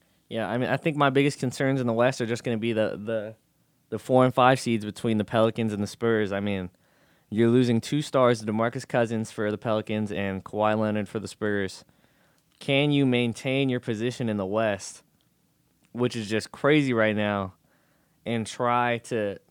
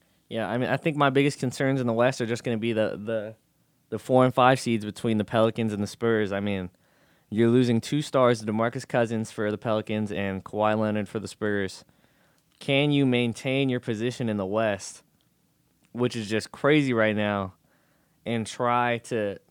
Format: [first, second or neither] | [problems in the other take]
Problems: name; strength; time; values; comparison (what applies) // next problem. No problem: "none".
neither | none